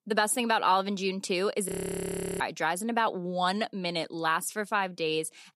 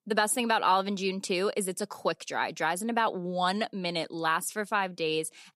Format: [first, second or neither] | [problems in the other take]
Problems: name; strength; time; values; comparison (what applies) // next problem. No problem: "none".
second | audio freezing; at 1.5 s for 0.5 s